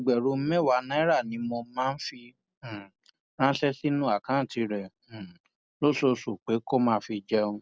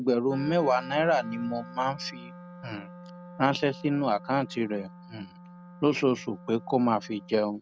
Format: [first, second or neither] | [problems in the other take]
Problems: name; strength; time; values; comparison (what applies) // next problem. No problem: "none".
first | background sound (Wind instrument, woodwind instrument); 17 dB below the speech